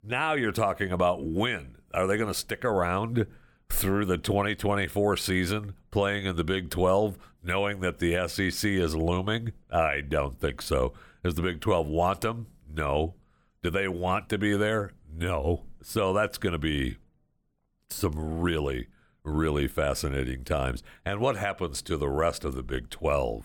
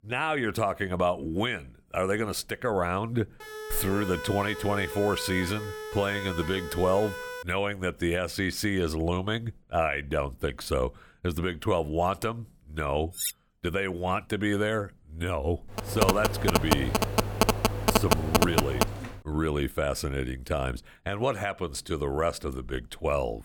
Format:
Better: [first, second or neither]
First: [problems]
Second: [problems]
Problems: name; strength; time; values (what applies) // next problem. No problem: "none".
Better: first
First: none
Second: siren; noticeable; from 3.5 to 7.5 s; peak 7 dB below the speech // clattering dishes; noticeable; at 13 s; peak 2 dB below the speech // phone ringing; loud; from 16 to 19 s; peak 5 dB above the speech